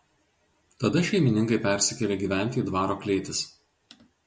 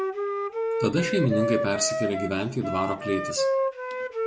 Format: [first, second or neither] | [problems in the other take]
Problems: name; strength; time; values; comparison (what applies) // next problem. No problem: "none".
first | background sound (Wind instrument, woodwind instrument); as loud as the speech